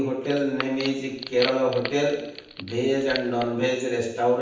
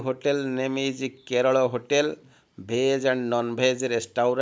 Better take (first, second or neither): second